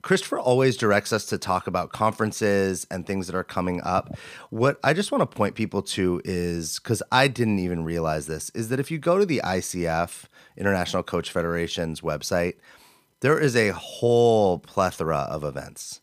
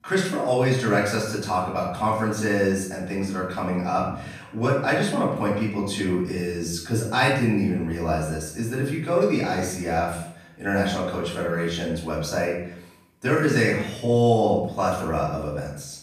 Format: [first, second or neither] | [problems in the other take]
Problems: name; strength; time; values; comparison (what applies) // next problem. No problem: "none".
first | off-mic speech; far // room echo; noticeable; dies away in 0.6 s